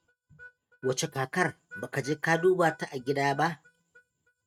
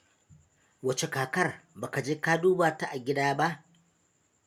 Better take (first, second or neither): second